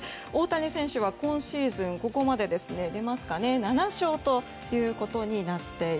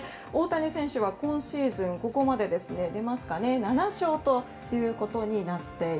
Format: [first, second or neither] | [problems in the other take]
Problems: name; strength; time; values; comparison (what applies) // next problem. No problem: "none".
first | room echo; dies away in 0.3 s